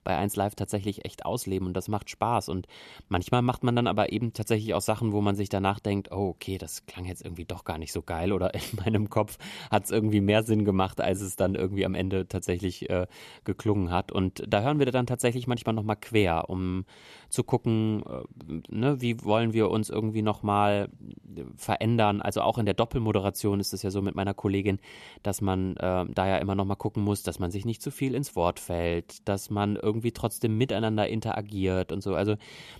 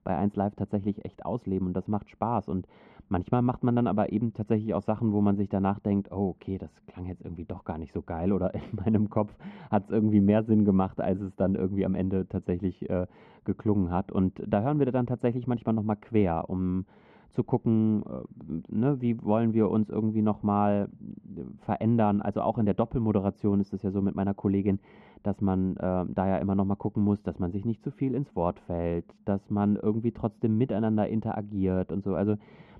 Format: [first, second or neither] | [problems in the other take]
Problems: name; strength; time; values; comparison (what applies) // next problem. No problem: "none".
first | muffled; very; fading above 1.5 kHz